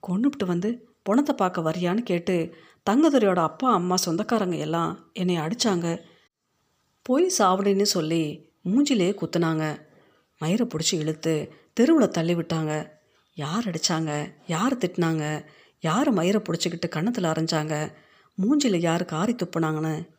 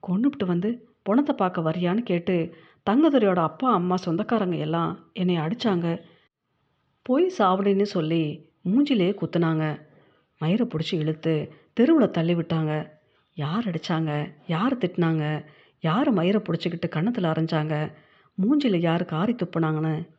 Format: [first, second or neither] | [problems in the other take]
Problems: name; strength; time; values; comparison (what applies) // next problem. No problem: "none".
first | muffled; very; fading above 3 kHz